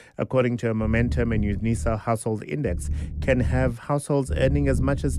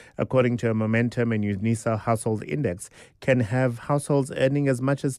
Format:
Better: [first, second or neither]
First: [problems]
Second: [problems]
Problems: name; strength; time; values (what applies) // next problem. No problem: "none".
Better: second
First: low rumble; noticeable; from 1 to 2 s, from 2.5 to 3.5 s and at 4.5 s; 15 dB below the speech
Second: none